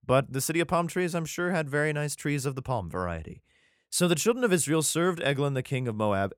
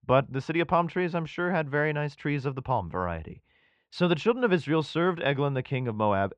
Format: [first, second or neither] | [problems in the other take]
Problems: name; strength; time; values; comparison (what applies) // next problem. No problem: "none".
first | muffled; very; fading above 3.5 kHz